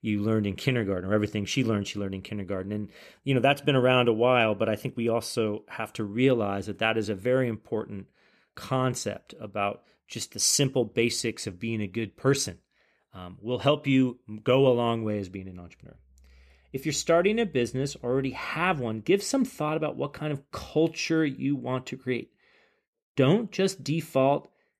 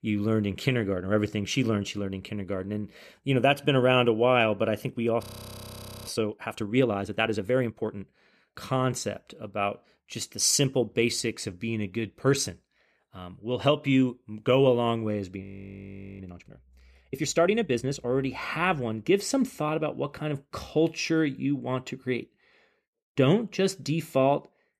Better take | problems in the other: first | audio freezing; at 5 s for 1 s and at 15 s for 1 s

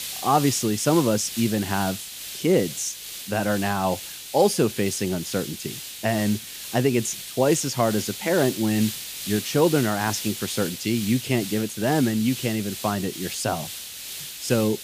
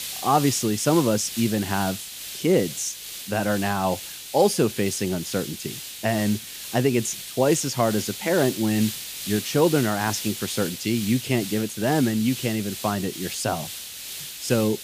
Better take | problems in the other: neither | hiss; loud; throughout; 8 dB below the speech; the same in both

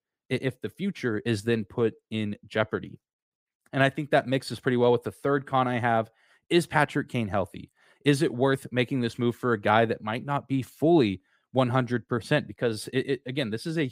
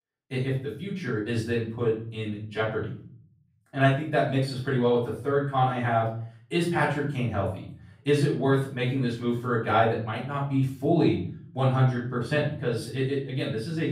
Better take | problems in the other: first | off-mic speech; far // room echo; noticeable; dies away in 0.6 s

